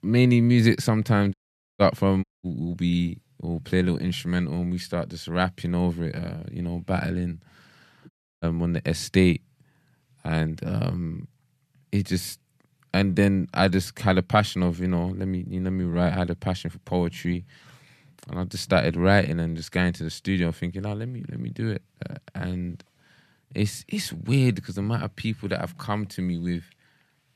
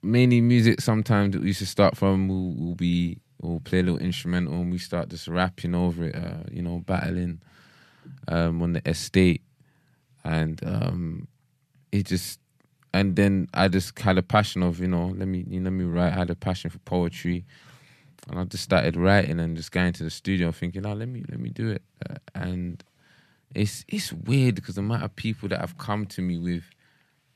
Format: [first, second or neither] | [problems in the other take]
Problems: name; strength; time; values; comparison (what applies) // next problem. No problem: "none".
second | audio cutting out; at 1.5 s, at 2 s and at 8 s